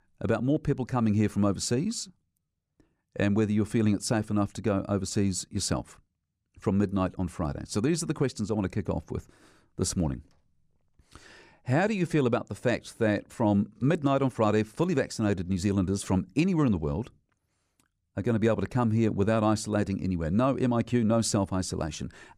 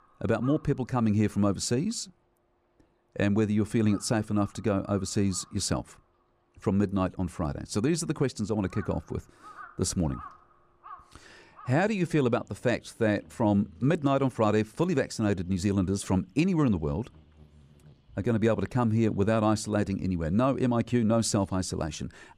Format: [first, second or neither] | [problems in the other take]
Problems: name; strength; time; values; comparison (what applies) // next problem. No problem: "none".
first | animal sounds; faint; throughout; 25 dB below the speech